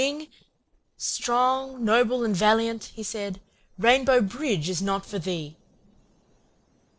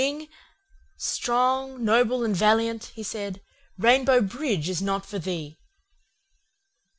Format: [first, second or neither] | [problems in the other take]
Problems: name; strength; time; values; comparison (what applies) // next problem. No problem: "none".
second | noise reduction (neural separator model SepFormer DNS4)